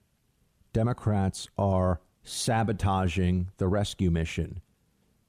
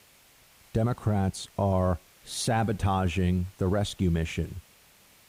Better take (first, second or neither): first